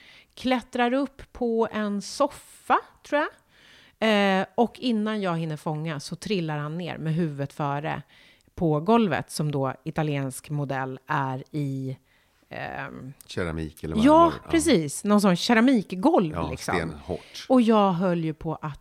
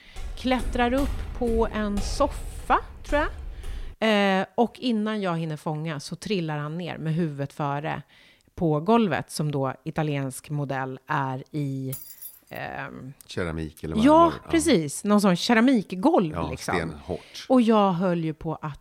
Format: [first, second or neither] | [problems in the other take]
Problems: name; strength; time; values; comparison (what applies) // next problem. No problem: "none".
first | footsteps; noticeable; until 4 s; peak 9 dB below the speech // jangling keys; faint; at 12 s; peak 10 dB below the speech